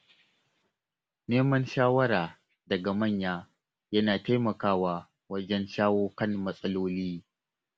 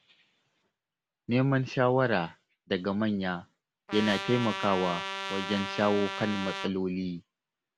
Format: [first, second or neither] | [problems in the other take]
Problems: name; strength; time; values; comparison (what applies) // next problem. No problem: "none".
first | background sound (Trumpet); 6 dB below the speech